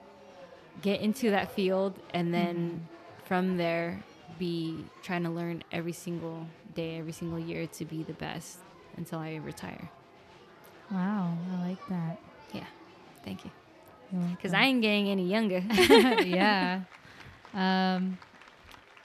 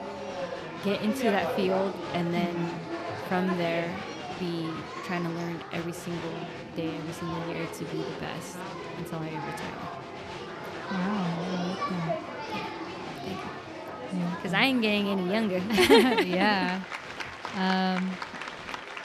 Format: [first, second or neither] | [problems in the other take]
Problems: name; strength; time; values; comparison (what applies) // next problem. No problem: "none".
first | crowd noise; loud; throughout; 7 dB below the speech; faint in the first